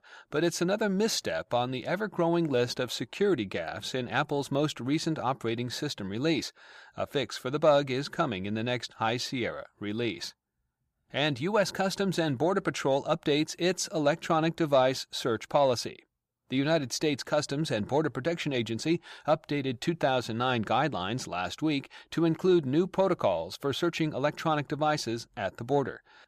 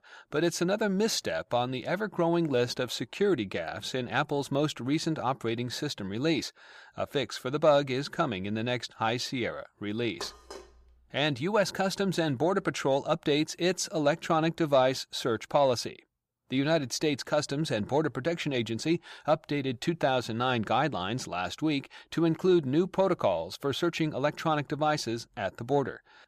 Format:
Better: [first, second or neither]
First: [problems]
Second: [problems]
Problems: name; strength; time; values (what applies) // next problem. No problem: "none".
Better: first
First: none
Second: clattering dishes; faint; at 10 s; peak 15 dB below the speech